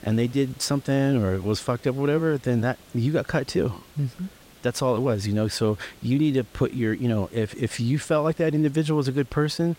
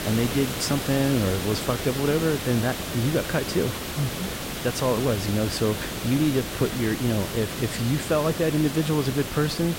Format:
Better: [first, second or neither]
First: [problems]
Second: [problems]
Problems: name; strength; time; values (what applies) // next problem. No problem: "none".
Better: first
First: hiss; faint; throughout; 25 dB below the speech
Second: hiss; loud; throughout; 5 dB below the speech